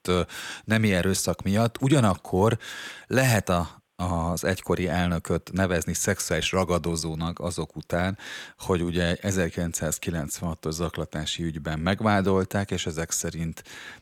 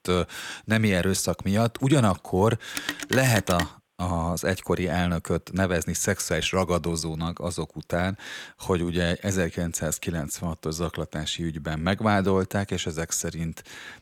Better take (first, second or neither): first